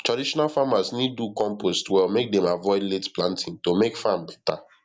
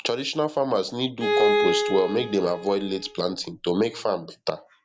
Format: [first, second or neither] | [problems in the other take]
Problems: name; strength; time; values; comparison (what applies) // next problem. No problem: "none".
first | background sound (Bowed string instrument); 1 dB below the speech